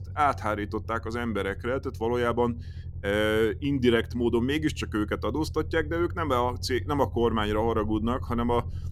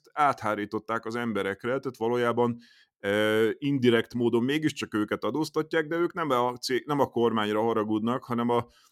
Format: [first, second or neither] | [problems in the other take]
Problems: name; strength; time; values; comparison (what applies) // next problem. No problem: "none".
second | low rumble; faint; throughout; 25 dB below the speech